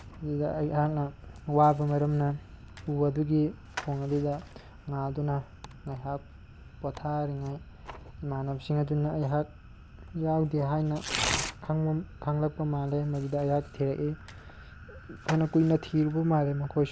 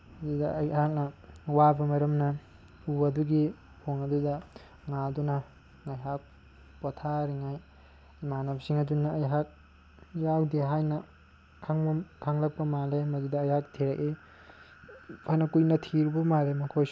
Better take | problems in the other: second | background sound (Tearing); 13 dB below the speech

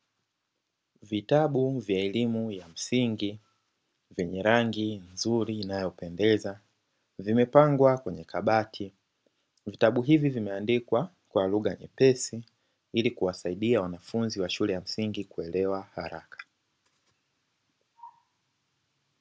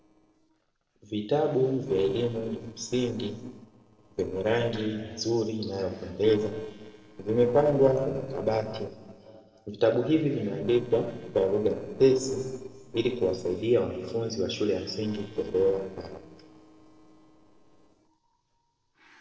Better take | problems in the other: first | noise reduction (neural separator model SepFormer DNS4)

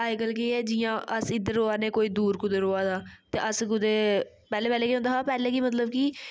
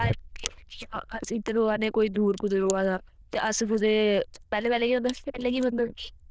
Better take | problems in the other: first | noise reduction (neural diffusion model UNIVERSE++)

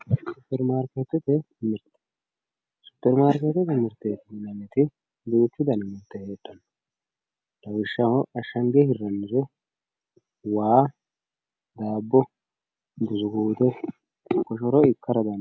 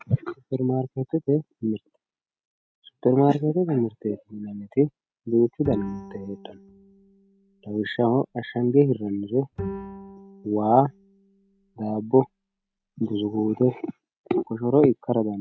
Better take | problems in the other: first | noise reduction (neural mask model RNNoise)

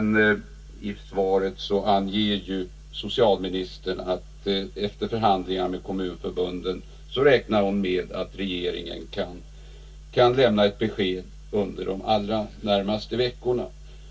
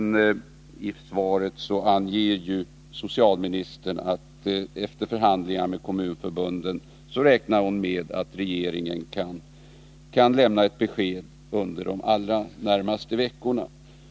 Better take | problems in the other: second | room echo; dies away in 0.1 s

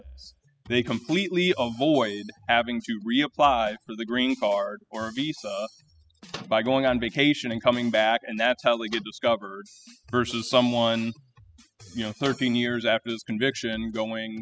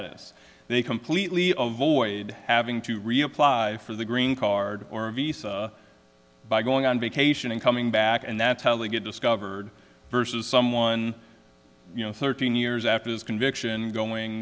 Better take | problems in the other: second | noise reduction (classical method spectral subtraction)

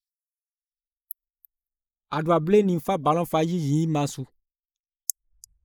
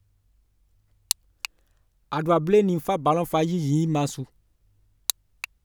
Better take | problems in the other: second | noise reduction (neural mask model Resemble Enhance denoiser)

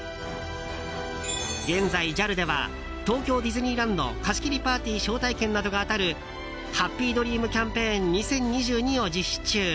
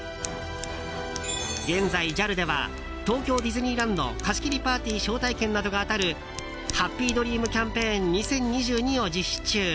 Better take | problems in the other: first | background sound (Scissors); 17 dB below the speech

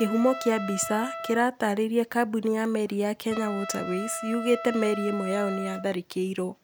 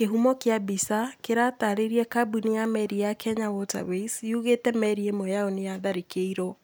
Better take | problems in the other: second | background sound (Trumpet); 11 dB below the speech

